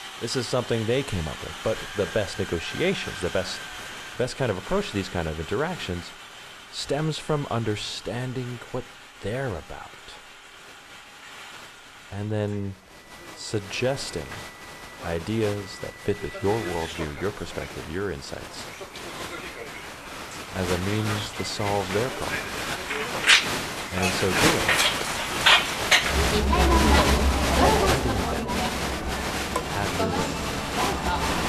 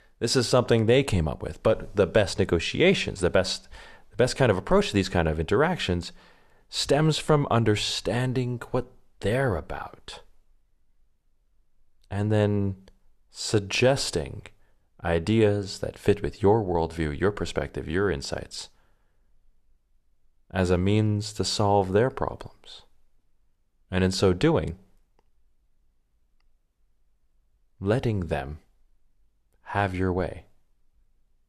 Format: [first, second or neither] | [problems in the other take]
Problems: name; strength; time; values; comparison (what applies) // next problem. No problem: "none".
second | crowd noise; very loud; throughout; 5 dB above the speech